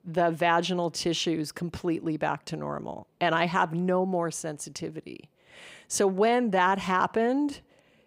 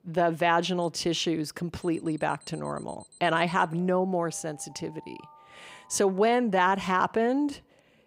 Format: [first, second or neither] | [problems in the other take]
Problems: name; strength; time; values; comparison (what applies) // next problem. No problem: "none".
first | alarms or sirens; faint; throughout; 25 dB below the speech